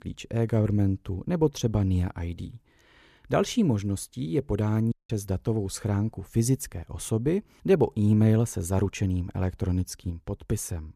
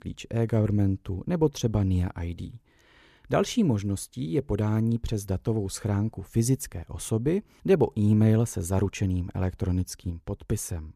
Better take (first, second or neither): second